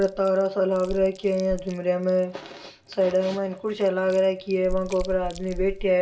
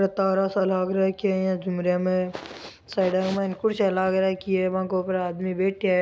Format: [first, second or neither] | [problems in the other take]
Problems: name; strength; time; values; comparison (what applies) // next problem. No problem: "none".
second | background sound (Chewing, mastication); 13 dB below the speech // room echo; dies away in 0.2 s